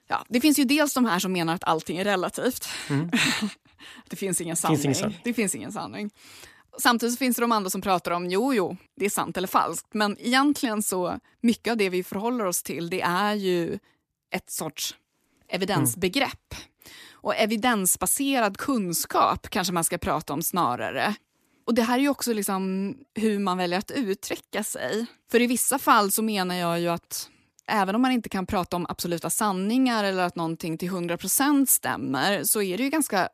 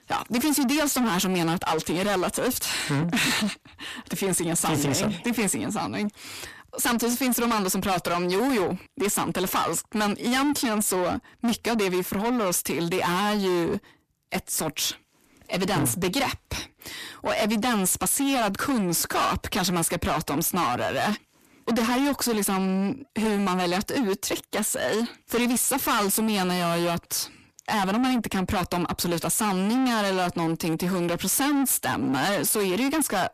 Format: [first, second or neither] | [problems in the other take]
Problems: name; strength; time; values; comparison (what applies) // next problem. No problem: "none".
first | distortion; heavy; 6 dB below the speech